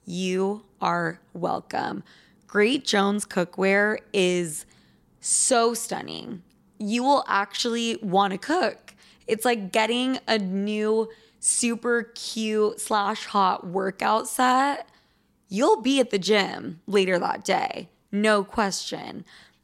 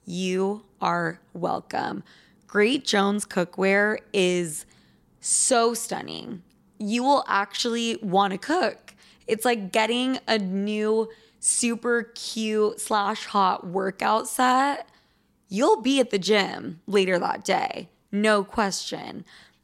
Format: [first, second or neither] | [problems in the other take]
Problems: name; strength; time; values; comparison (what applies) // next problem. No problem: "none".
neither | none